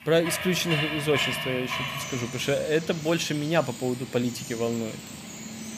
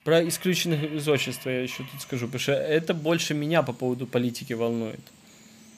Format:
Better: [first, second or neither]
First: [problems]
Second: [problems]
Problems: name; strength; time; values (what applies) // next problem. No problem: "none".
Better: second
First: animal sounds; loud; throughout; 5 dB below the speech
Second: animal sounds; faint; throughout; 20 dB below the speech